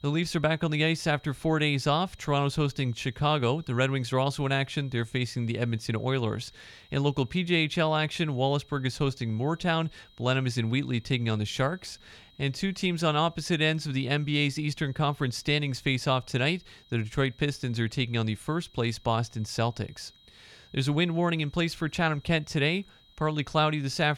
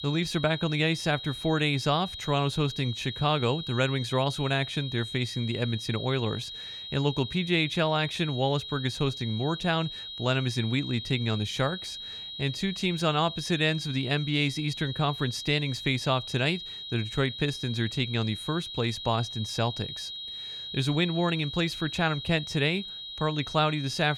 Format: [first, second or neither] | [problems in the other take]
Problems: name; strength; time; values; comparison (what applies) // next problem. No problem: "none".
first | high-pitched whine; loud; throughout; 4 kHz, 8 dB below the speech; faint in the first